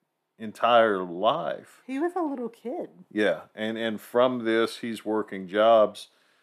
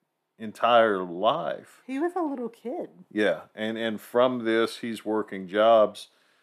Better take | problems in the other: neither | none

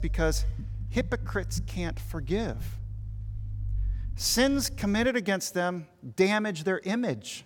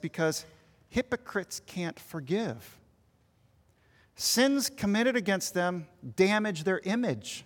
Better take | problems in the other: second | low rumble; faint; until 5 s; 25 dB below the speech

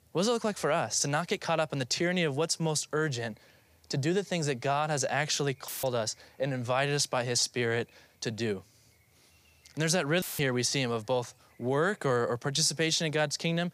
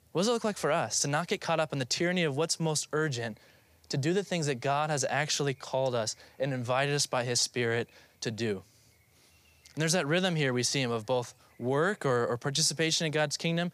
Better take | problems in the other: second | audio cutting out; filled with static; at 5.5 s and at 10 s

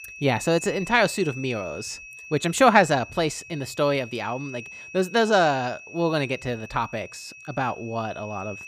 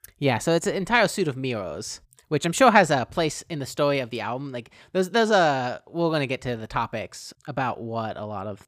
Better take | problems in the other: second | high-pitched whine; noticeable; throughout; 2.5 kHz, 15 dB below the speech

